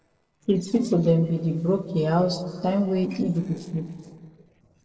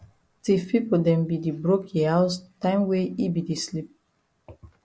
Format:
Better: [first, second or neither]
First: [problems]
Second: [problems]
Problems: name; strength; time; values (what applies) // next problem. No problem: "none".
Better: second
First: noise reduction (neural separator model SepFormer DNS4)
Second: none